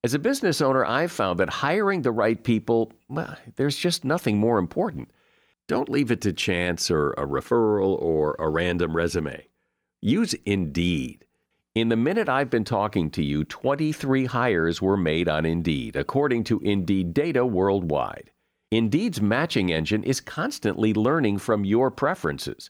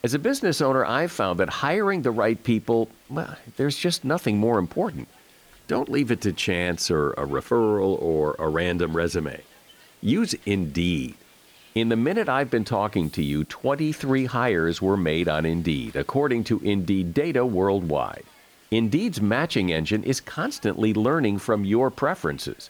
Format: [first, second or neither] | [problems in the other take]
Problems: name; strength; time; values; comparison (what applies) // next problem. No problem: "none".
first | hiss; faint; throughout; 30 dB below the speech